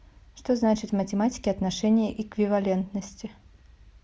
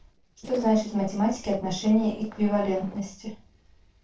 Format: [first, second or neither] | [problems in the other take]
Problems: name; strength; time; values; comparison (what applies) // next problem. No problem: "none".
first | noise reduction (neural separator model SepFormer DNS4)